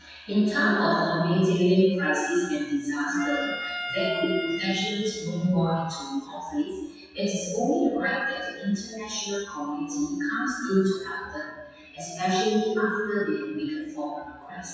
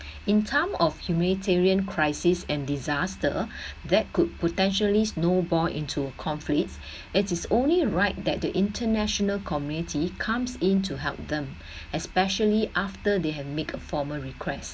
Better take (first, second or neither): second